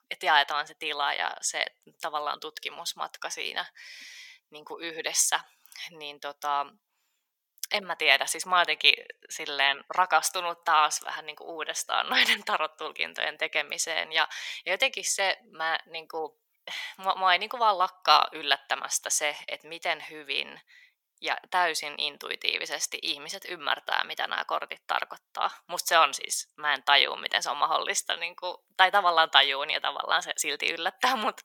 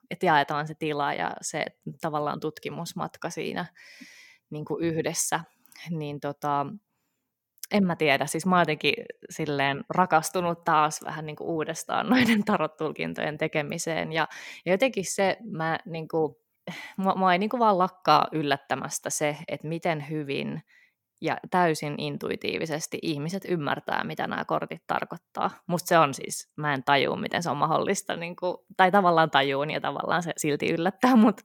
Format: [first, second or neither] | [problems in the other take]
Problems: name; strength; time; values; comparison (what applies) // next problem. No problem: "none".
second | thin; very; fading below 850 Hz